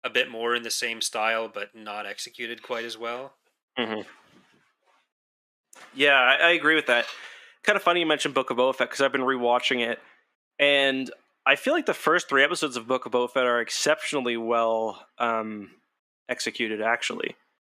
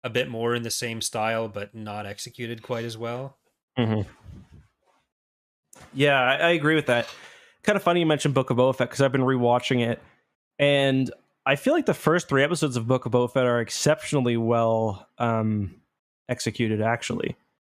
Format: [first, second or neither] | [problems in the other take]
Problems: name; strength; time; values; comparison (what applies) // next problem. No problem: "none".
second | thin; somewhat; fading below 300 Hz